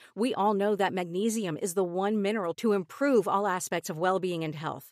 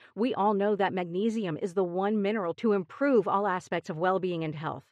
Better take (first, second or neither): first